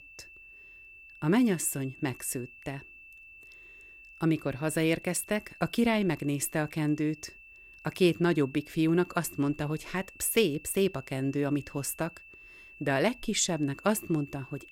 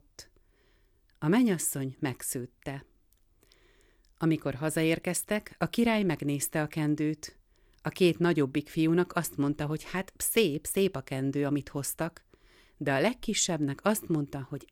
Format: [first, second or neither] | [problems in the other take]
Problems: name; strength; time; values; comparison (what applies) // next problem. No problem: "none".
second | high-pitched whine; noticeable; throughout; 2.5 kHz, 20 dB below the speech